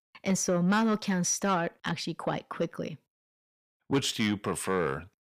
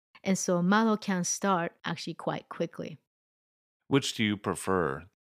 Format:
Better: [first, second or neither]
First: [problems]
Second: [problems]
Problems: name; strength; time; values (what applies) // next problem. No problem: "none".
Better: second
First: distortion; slight; 10 dB below the speech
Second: none